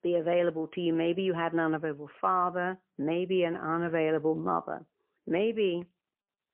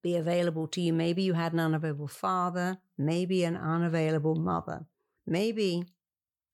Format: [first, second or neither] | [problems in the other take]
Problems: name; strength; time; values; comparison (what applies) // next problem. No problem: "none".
second | phone-call audio; poor line; nothing above 3 kHz